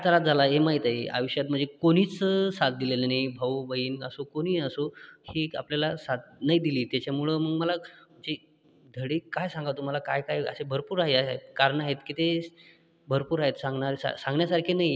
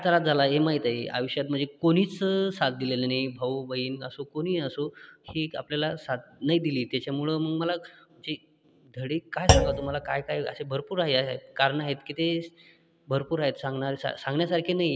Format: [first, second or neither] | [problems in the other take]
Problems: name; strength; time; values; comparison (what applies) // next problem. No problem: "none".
first | background sound (Thump, thud); as loud as the speech